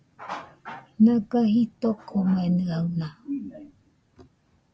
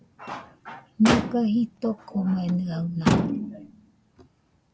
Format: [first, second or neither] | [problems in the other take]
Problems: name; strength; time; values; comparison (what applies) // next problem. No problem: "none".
first | background sound (Motor vehicle (road)); 3 dB below the speech